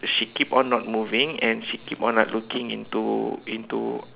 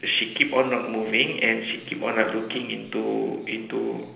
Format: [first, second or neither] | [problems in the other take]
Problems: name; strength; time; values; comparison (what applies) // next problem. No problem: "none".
first | room echo; dies away in 0.8 s